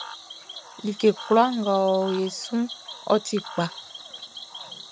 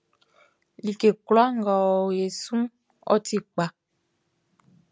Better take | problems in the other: second | background sound (Cricket / Frog); 14 dB below the speech

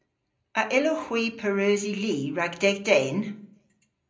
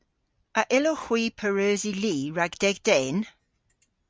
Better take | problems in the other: second | room echo; dies away in 0.5 s

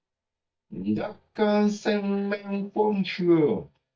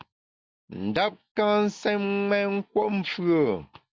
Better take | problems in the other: second | noise reduction (neural mask model DeepFilterNet 3)

